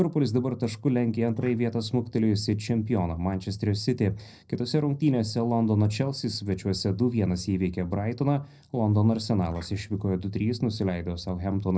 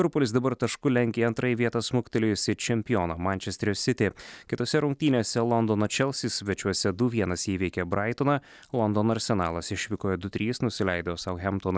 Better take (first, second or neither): second